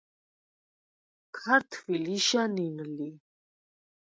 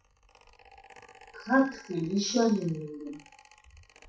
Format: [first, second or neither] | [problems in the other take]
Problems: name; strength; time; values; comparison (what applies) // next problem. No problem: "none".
first | noise reduction (classical method WPE with log-MMSE)